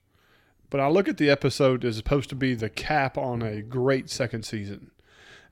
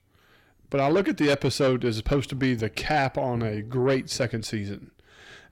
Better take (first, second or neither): first